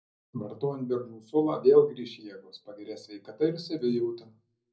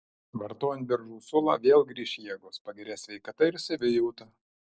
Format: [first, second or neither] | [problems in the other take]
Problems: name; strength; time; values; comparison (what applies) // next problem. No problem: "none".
second | room echo; dies away in 0.4 s